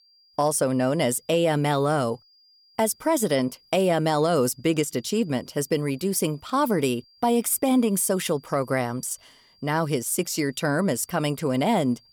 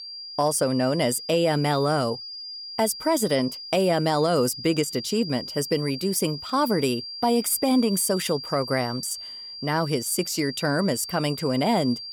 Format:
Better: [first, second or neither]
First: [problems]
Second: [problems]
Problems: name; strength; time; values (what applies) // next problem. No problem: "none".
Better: first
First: high-pitched whine; faint; throughout; 5 kHz, 30 dB below the speech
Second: high-pitched whine; loud; throughout; 5 kHz, 10 dB below the speech